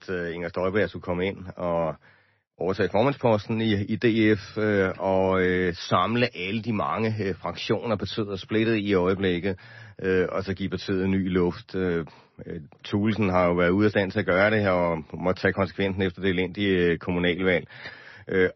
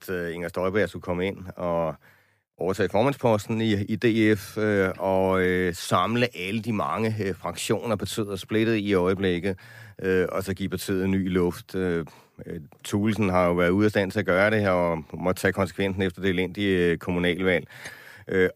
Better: second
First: garbled, watery; slightly; nothing above 6 kHz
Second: none

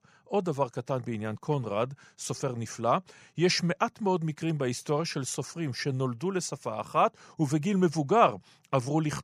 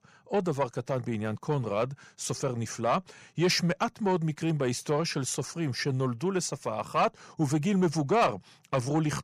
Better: first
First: none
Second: distortion; slight; 10 dB below the speech

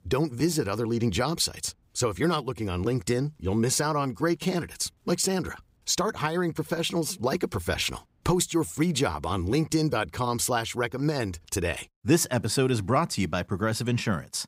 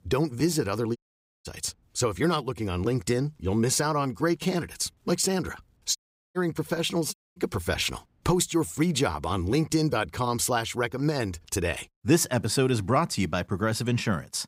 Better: first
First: none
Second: audio cutting out; at 1 s, at 6 s and at 7 s

